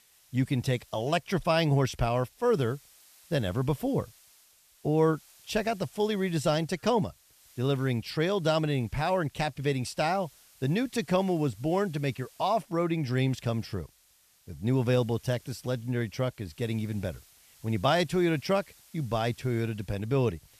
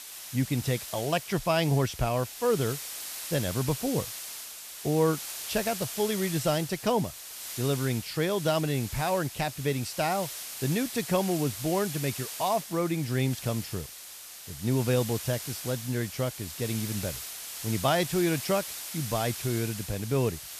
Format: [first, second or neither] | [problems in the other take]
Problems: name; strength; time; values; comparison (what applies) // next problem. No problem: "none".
first | hiss; loud; throughout; 7 dB below the speech; faint in the first